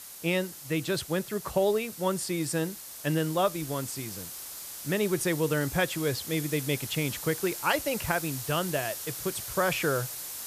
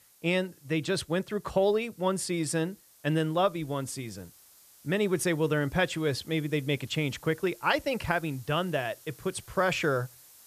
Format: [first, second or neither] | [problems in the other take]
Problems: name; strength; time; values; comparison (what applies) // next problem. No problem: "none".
second | hiss; loud; throughout; 8 dB below the speech; faint in the second